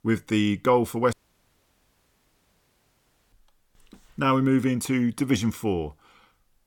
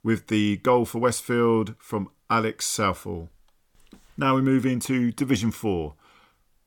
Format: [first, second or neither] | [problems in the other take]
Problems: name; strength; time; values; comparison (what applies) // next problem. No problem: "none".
second | audio cutting out; at 1 s for 2 s